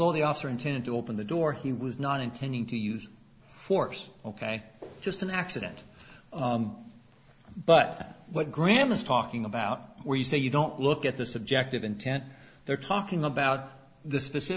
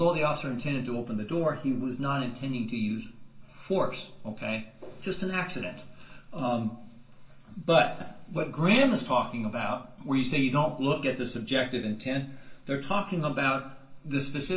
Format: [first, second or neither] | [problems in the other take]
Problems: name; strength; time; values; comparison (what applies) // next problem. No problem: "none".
first | room echo; dies away in 0.3 s